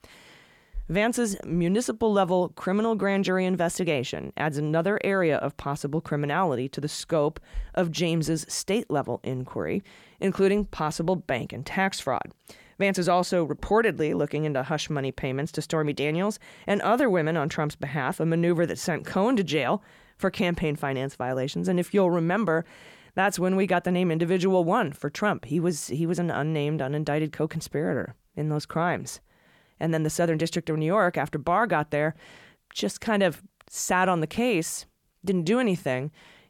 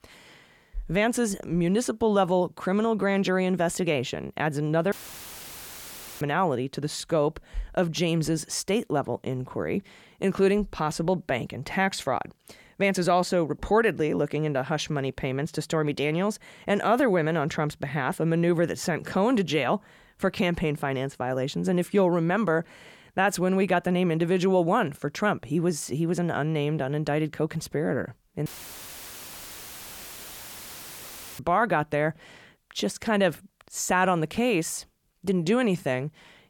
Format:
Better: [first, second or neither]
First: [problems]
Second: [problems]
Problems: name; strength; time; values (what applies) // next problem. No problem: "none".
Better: first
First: none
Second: audio cutting out; filled with static; at 5 s for 1.5 s and at 28 s for 3 s